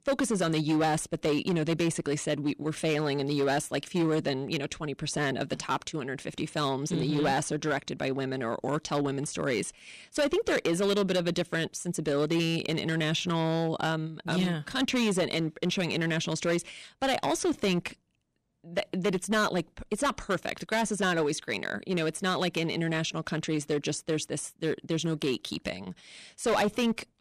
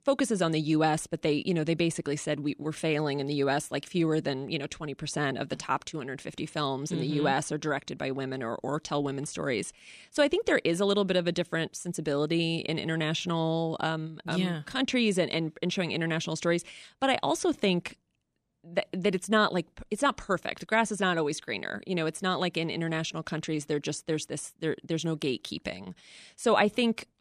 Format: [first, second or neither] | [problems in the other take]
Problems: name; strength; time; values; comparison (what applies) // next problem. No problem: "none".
second | distortion; slight; 8% of the sound clipped